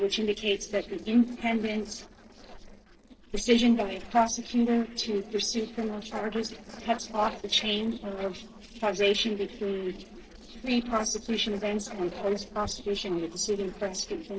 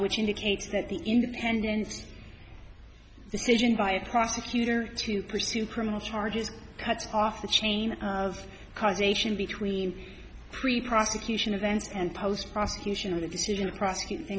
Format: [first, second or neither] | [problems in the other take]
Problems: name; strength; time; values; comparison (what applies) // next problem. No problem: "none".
second | noise reduction (neural separator model SepFormer DNS4)